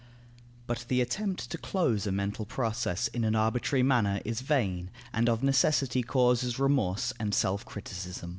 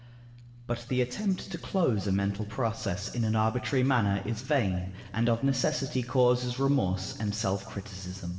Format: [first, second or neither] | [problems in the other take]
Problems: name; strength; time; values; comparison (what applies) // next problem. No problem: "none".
first | room echo; dies away in 1.8 s